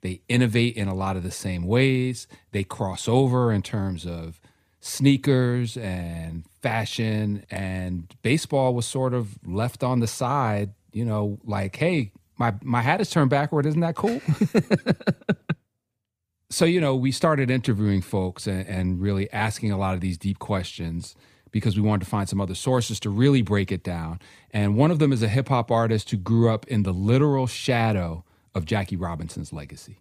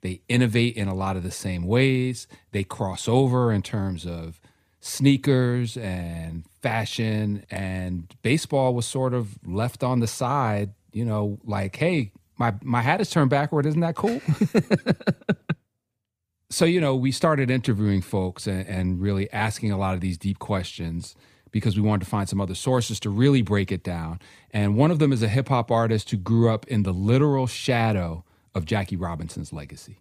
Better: neither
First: none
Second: none

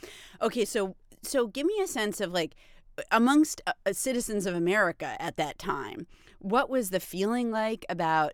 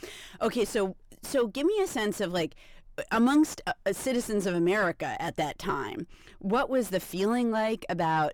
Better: first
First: none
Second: distortion; slight; 10 dB below the speech

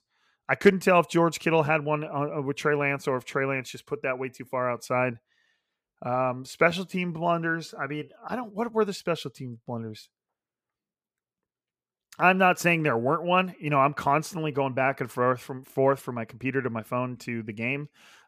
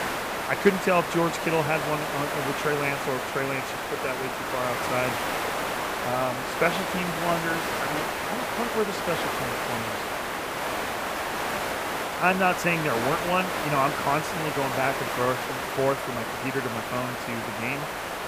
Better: first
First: none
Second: hiss; loud; throughout; 1 dB below the speech

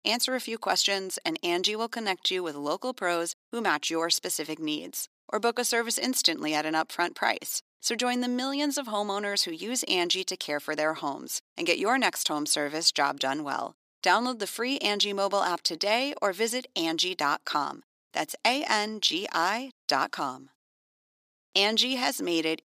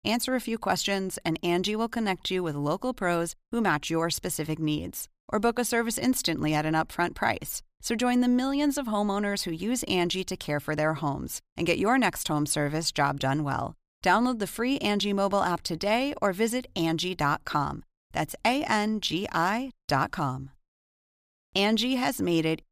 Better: second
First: thin; very slightly; fading below 300 Hz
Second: none

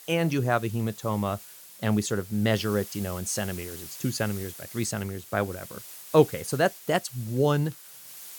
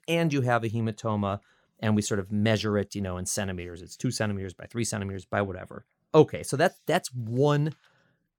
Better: second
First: hiss; noticeable; throughout; 15 dB below the speech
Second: none

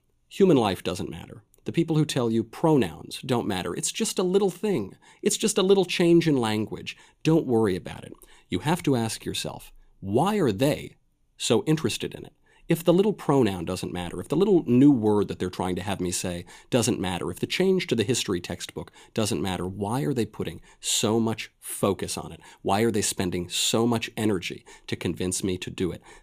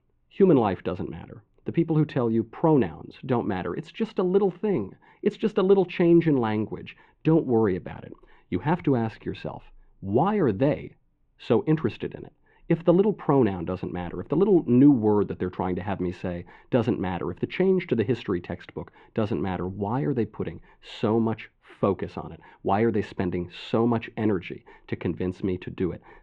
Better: first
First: none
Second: muffled; very; fading above 2 kHz

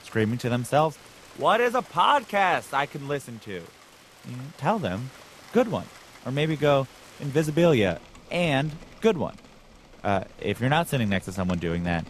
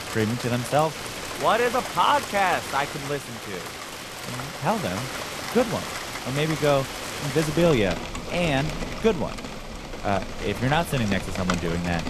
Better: first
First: rain or running water; faint; throughout; 20 dB below the speech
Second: rain or running water; loud; throughout; 7 dB below the speech

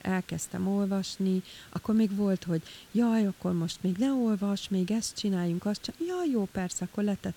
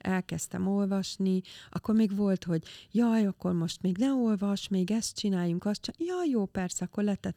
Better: second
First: hiss; faint; throughout; 25 dB below the speech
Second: none

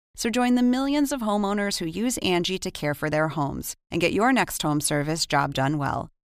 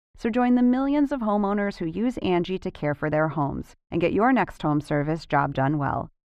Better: first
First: none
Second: muffled; very; fading above 3.5 kHz

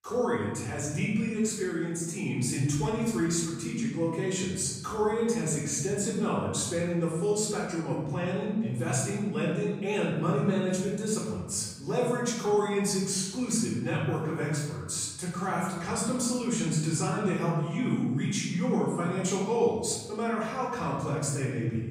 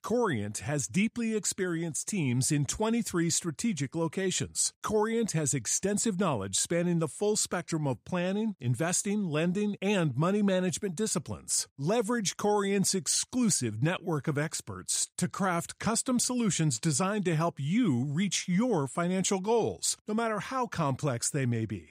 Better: second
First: off-mic speech; far // room echo; noticeable; dies away in 1.2 s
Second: none

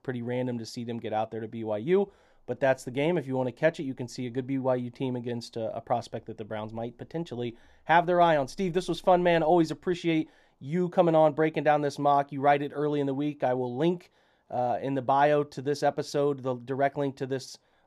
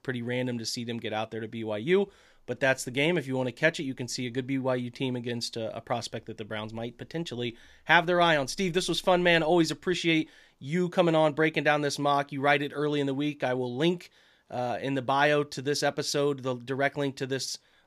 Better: second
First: muffled; slightly; fading above 1.5 kHz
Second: none

